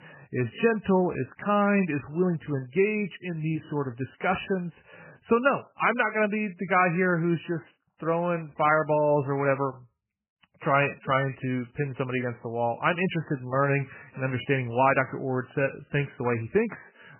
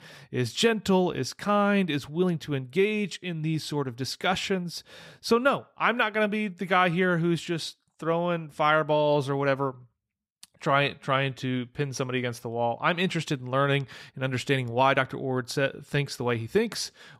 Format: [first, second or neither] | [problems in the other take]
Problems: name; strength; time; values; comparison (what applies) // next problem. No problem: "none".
second | garbled, watery; badly; nothing above 2.5 kHz